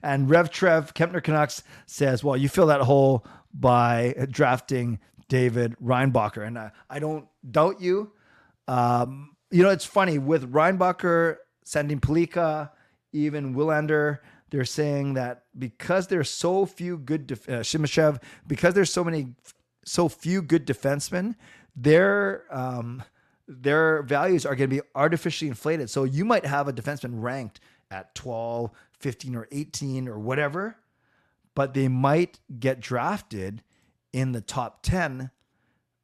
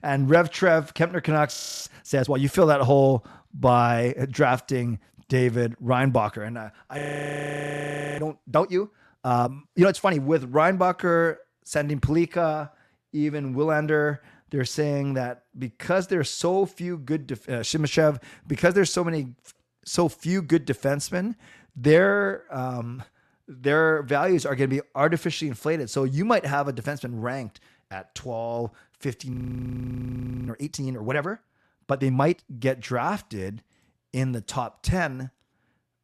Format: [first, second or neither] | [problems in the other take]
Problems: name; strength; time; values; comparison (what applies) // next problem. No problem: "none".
first | audio freezing; at 1.5 s, at 7 s for 1 s and at 29 s for 1 s